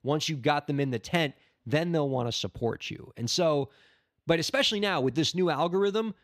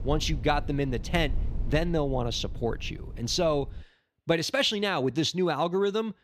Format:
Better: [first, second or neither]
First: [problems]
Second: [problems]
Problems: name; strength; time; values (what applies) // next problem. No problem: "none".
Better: first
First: none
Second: low rumble; faint; until 4 s; 25 dB below the speech